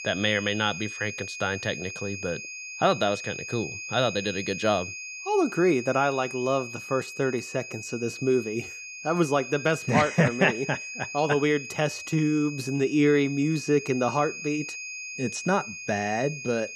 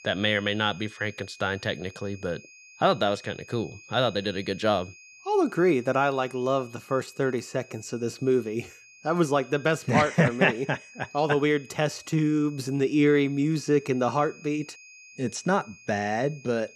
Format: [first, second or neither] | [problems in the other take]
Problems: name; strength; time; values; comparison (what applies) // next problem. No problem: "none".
second | high-pitched whine; loud; throughout; 2.5 kHz, 9 dB below the speech; faint in the second